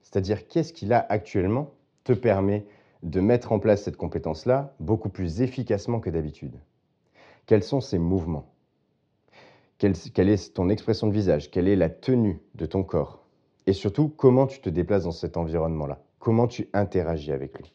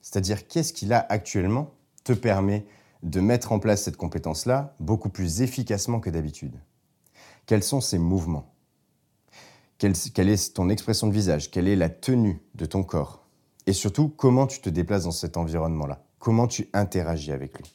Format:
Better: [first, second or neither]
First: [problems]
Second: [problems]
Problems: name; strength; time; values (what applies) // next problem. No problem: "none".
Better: second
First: muffled; slightly; fading above 4 kHz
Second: none